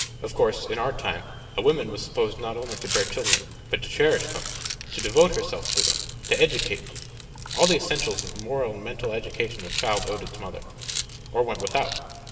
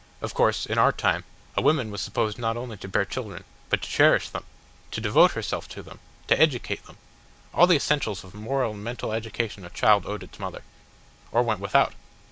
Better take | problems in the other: second | background sound (Rattle); 5 dB below the speech // room echo; dies away in 1.6 s

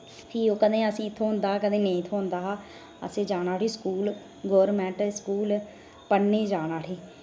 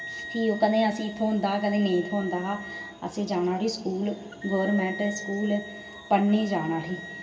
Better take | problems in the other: first | background sound (Wind instrument, woodwind instrument); 14 dB below the speech // room echo; dies away in 1.8 s

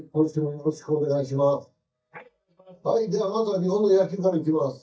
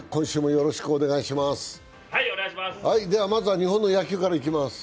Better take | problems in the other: second | noise reduction (neural mask model DeepFilterNet 3)

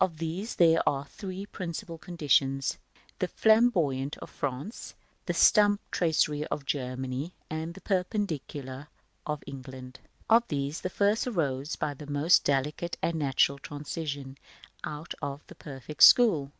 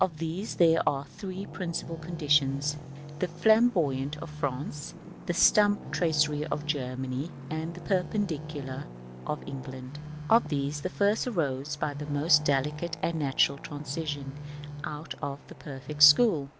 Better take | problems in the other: first | background sound (Traffic noise, roadway noise + Telephone); 11 dB below the speech

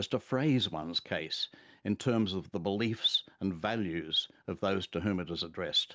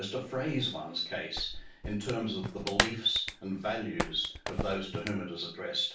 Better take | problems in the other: first | background sound (Clapping); 3 dB below the speech // room echo; dies away in 0.3 s

